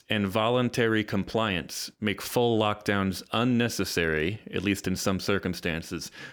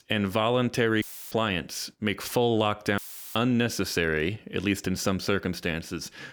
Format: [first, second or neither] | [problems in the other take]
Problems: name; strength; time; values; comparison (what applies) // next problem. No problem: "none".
first | audio cutting out; filled with static; at 1 s and at 3 s